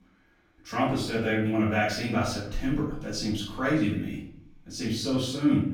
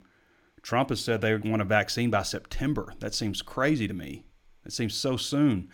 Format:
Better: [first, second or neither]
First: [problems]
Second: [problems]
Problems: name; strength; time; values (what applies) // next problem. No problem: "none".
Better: second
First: off-mic speech; far // room echo; noticeable; dies away in 0.6 s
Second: none